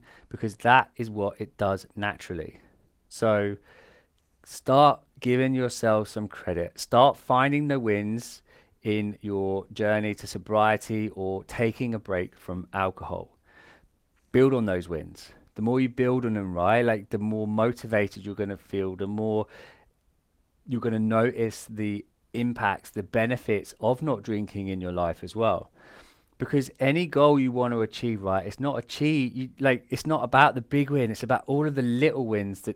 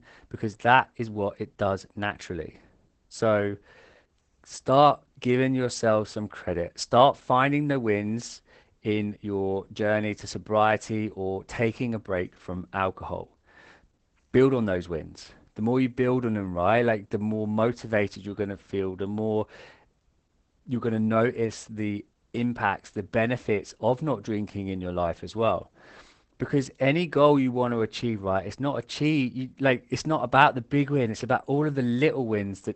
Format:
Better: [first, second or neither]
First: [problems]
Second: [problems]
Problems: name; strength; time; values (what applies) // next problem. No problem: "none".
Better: first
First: garbled, watery; slightly; nothing above 16.5 kHz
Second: garbled, watery; badly; nothing above 8 kHz